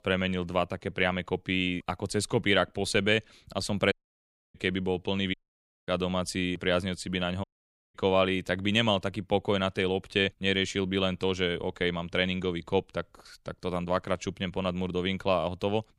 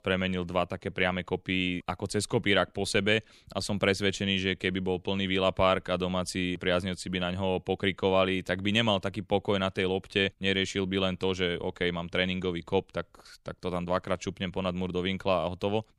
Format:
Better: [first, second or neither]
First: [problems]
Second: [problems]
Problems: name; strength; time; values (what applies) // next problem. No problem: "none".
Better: second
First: audio cutting out; at 4 s for 0.5 s, at 5.5 s for 0.5 s and at 7.5 s for 0.5 s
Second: none